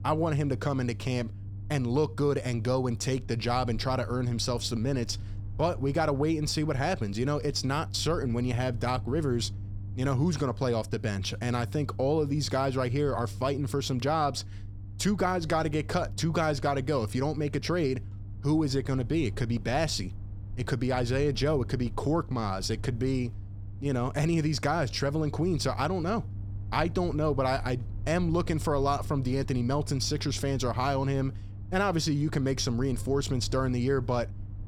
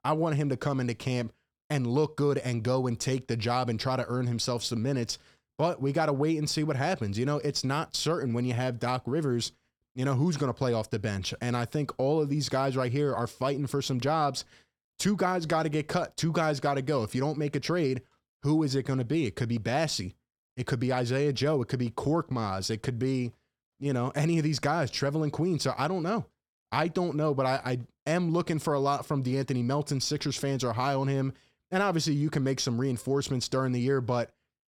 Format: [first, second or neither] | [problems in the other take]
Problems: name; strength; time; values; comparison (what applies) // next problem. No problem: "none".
second | low rumble; faint; throughout; 25 dB below the speech